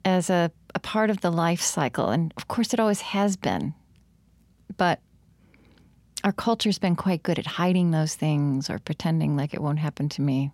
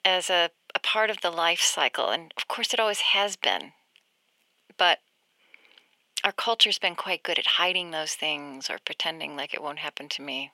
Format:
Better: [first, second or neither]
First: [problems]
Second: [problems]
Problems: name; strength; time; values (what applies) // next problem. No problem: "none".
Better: first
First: none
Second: thin; very; fading below 500 Hz